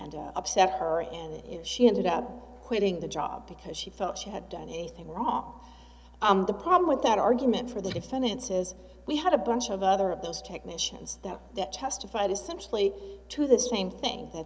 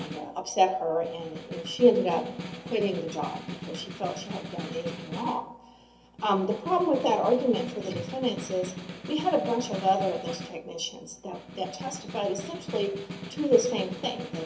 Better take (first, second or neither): first